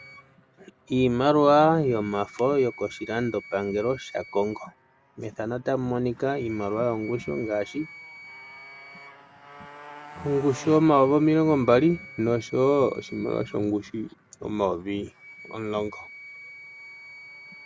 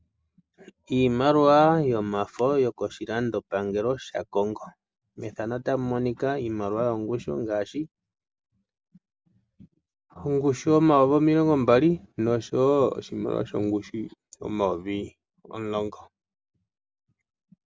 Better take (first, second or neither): second